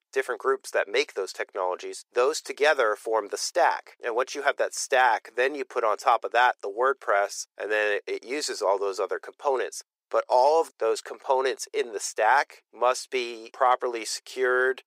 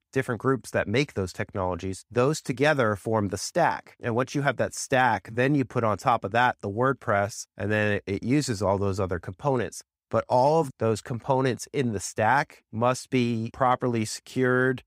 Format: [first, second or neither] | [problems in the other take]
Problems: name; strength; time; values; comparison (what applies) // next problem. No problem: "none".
second | thin; very; fading below 400 Hz